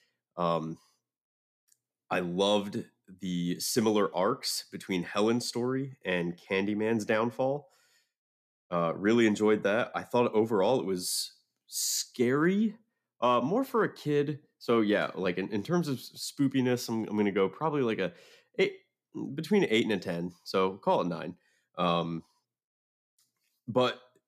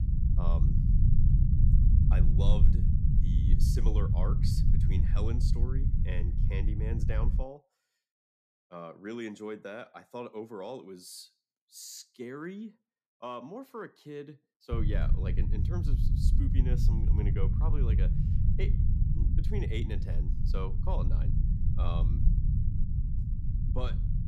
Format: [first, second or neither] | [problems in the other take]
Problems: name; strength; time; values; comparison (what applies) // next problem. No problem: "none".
first | low rumble; loud; until 7.5 s and from 15 s on; 1 dB below the speech